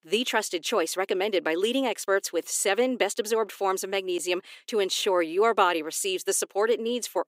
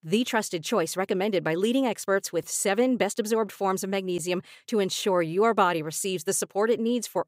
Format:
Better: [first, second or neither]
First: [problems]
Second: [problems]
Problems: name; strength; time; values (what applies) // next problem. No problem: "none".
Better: second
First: thin; very slightly; fading below 300 Hz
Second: none